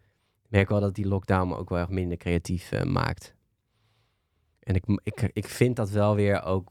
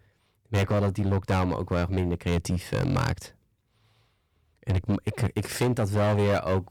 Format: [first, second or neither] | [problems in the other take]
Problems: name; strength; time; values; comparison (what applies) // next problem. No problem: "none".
first | distortion; heavy; 12% of the sound clipped